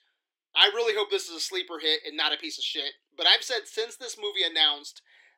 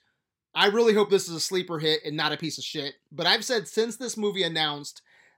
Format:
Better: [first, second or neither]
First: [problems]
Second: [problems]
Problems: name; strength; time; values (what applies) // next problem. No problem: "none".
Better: second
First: thin; very; fading below 300 Hz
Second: none